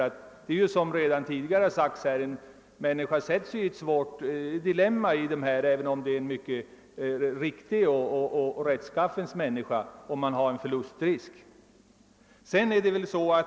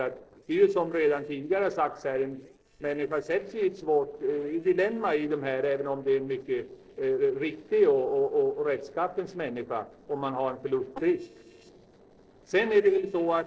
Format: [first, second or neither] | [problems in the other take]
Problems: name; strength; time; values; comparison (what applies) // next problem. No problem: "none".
first | noise reduction (neural separator model SepFormer DNS4)